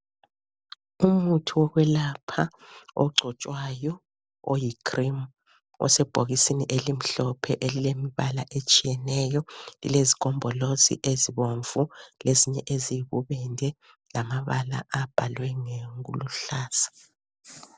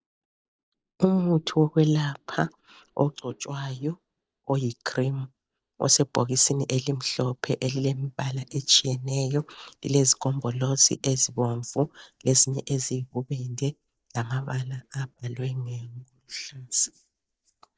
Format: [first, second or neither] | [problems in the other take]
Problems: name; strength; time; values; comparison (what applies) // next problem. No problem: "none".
first | noise reduction (neural mask model DeepFilterNet 3)